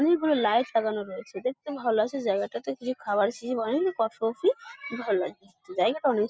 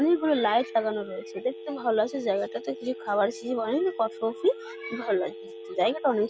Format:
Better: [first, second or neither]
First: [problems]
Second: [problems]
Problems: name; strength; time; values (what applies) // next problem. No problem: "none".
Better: first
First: none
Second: background sound (Telephone); 14 dB below the speech